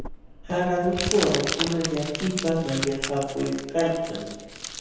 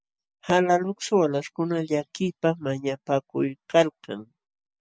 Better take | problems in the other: second | background sound (Crumpling, crinkling); 7 dB below the speech // room echo; dies away in 1.2 s

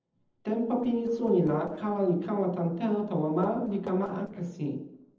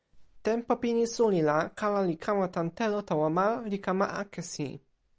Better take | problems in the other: second | noise reduction (neural separator model SepFormer DNS4)

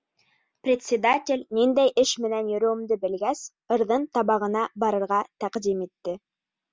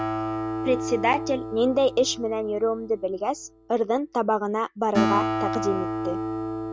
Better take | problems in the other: first | background sound (Acoustic guitar); 4 dB below the speech

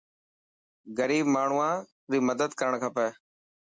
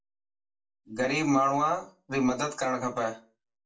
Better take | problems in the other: first | room echo; dies away in 0.2 s

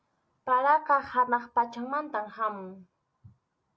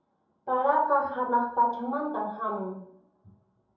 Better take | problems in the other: first | room echo; dies away in 2.7 s

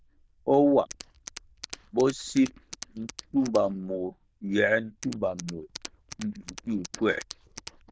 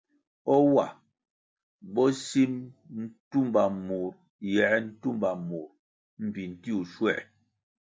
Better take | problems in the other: second | noise reduction (neural diffusion model UNIVERSE++)

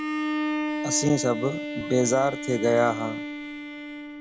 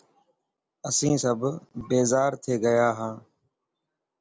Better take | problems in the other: second | background sound (Bowed string instrument); 4 dB below the speech

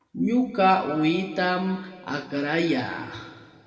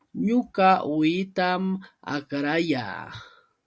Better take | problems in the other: second | room echo; dies away in 1.8 s

